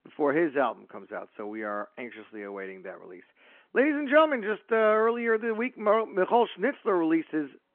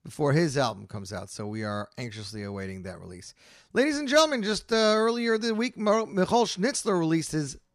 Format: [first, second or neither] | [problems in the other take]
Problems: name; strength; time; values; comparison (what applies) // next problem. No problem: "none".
second | phone-call audio